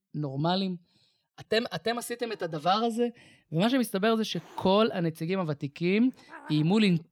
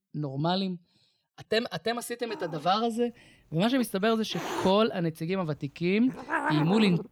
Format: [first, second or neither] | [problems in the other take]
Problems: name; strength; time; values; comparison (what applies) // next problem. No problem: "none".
first | hiss; loud; from 2.5 s on; 6 dB below the speech; faint in the first